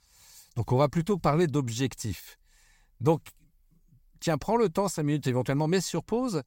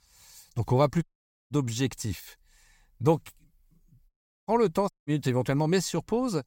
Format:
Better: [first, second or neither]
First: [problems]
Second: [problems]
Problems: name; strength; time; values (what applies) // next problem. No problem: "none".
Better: first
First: none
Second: audio cutting out; at 1 s, at 4 s and at 5 s